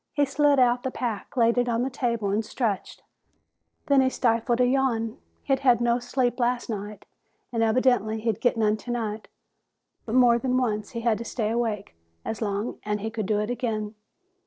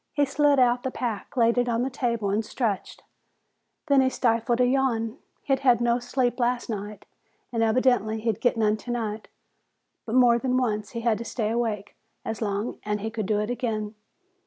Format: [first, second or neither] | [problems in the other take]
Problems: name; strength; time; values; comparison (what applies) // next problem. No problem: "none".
second | noise reduction (neural separator model SepFormer DNS4)